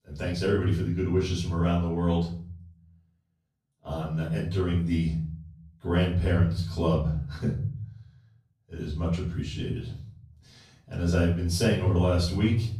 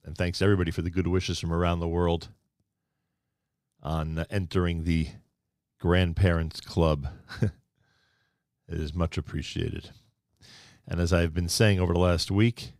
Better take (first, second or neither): second